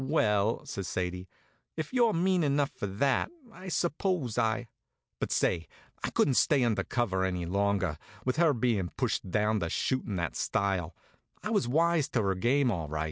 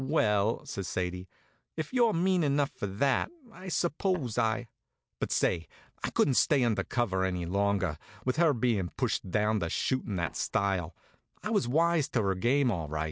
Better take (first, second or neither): first